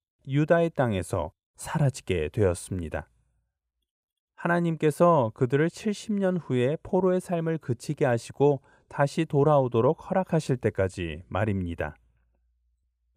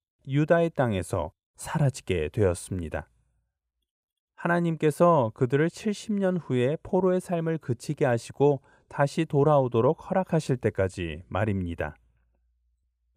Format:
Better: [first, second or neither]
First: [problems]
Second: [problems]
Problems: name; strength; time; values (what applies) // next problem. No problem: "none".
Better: neither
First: none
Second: none